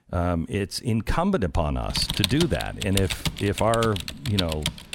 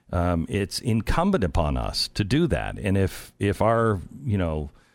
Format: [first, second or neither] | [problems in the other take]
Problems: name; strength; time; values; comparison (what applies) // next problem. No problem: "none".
second | keyboard typing; loud; from 2 s on; peak level with the speech